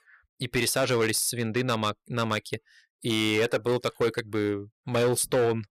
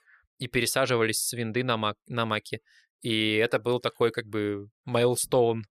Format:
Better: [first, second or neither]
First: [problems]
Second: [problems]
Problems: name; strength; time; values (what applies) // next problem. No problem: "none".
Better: second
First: distortion; slight; 7% of the sound clipped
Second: none